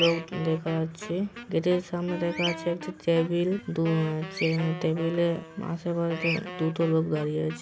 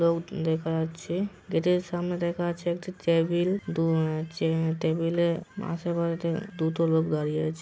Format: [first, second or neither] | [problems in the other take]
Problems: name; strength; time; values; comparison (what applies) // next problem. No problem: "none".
second | background sound (Bird vocalization, bird call, bird song + Wind instrument, woodwind instrument); 11 dB below the speech